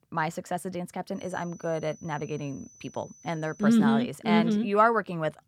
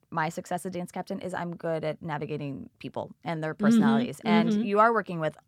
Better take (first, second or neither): second